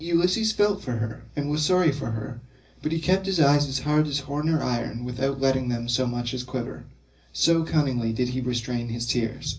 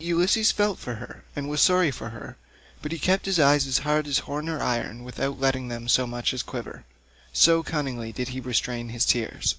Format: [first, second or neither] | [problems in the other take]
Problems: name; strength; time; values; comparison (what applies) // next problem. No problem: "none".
second | room echo; dies away in 0.4 s